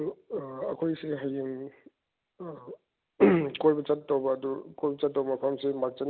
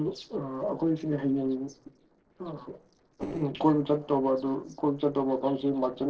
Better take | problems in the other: first | noise reduction (neural separator model SepFormer DNS4)

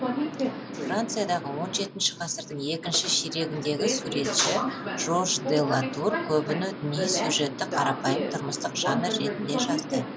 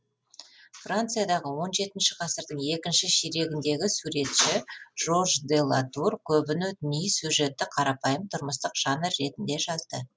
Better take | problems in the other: second | background sound (Subway, metro, underground); 3 dB below the speech

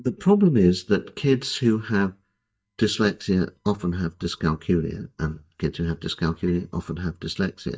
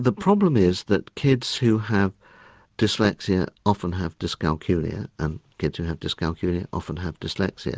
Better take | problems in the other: second | noise reduction (neural mask model DeepFilterNet 3)

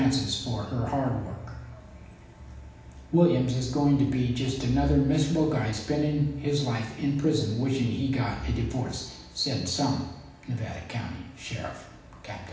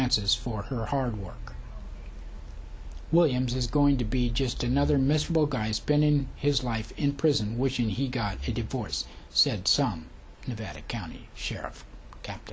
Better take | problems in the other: second | room echo; dies away in 0.9 s

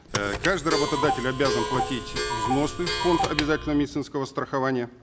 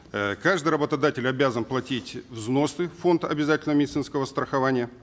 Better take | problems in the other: second | background sound (Clock); 2 dB below the speech

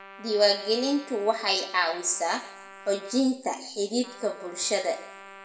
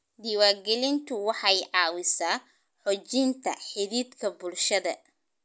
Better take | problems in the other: second | background sound (Trumpet); 19 dB below the speech // room echo; dies away in 0.6 s

